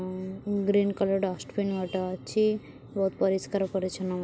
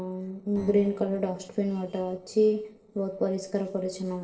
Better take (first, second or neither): first